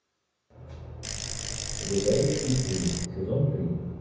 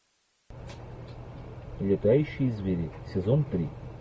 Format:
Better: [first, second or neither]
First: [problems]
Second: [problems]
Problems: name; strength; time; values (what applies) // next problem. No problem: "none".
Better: second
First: background sound (Bicycle); 5 dB below the speech // room echo; dies away in 1.1 s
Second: none